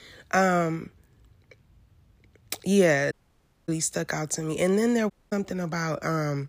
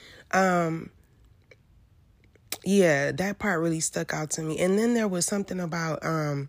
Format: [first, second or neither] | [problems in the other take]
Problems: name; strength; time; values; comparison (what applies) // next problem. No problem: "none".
second | audio cutting out; at 3 s for 0.5 s and at 5 s